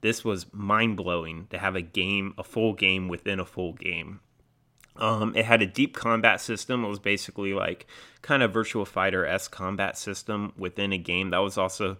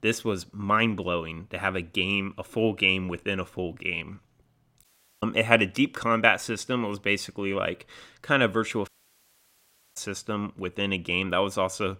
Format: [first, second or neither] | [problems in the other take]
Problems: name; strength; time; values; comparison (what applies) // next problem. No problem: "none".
first | audio cutting out; at 5 s and at 9 s for 1 s